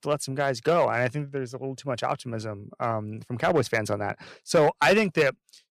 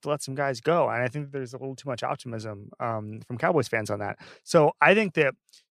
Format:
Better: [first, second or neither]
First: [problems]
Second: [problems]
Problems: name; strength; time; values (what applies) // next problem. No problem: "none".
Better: second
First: distortion; slight; 2% of the sound clipped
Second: none